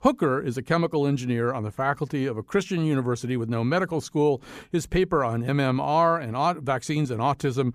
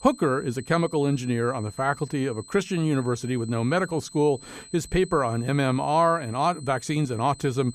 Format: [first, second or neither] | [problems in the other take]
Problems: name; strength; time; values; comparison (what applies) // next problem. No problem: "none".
first | high-pitched whine; noticeable; throughout; 8 kHz, 20 dB below the speech